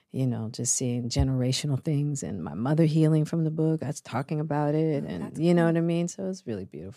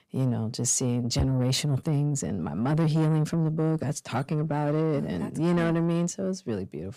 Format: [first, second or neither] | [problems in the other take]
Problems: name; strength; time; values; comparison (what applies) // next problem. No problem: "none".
first | distortion; slight; 10 dB below the speech